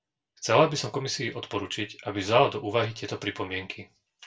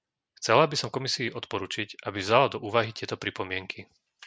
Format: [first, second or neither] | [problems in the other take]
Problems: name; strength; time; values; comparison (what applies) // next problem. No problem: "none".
second | room echo; dies away in 0.2 s